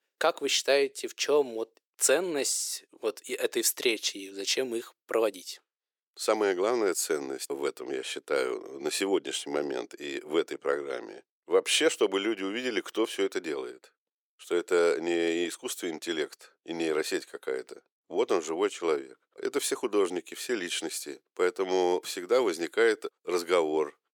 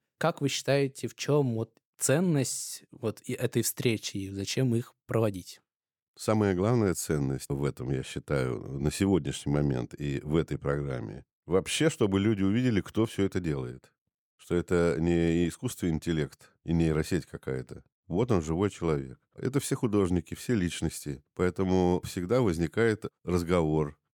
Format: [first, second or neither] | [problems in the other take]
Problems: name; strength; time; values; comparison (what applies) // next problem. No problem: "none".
second | thin; very; fading below 400 Hz